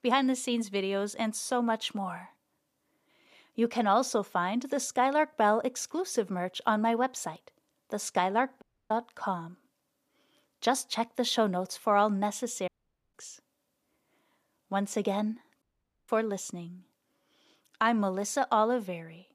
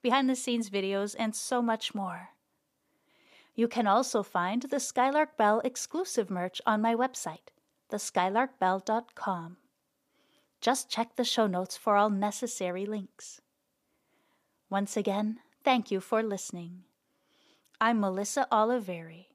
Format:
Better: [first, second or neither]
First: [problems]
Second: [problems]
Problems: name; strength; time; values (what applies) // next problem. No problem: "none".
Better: second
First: audio cutting out; at 8.5 s, at 13 s and at 16 s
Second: none